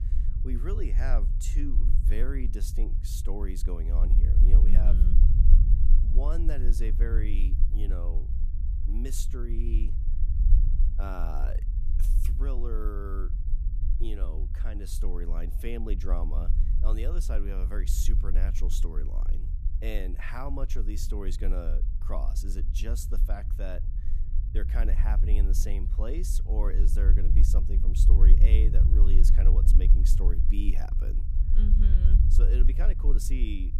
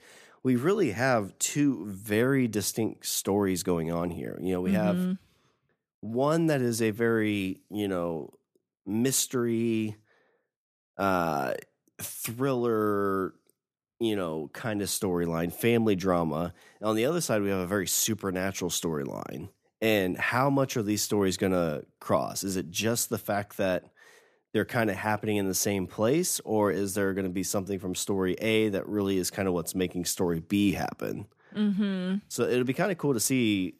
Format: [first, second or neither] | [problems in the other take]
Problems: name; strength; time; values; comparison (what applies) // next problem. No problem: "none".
second | low rumble; loud; throughout; 6 dB below the speech